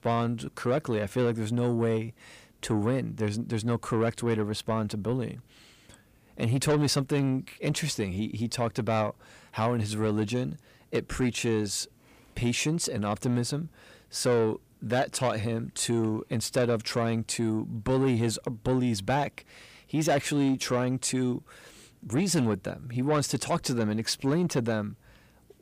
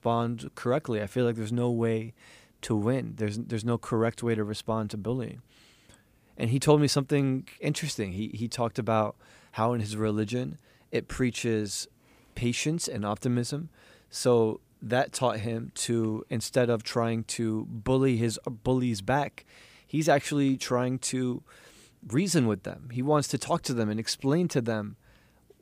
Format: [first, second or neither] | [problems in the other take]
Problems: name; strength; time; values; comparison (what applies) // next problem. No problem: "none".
second | distortion; slight; 10 dB below the speech